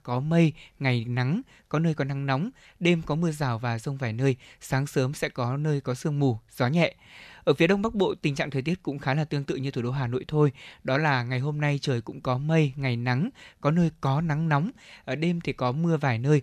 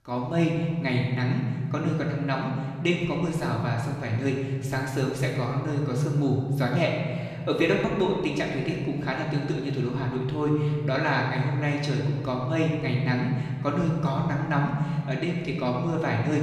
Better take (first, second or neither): first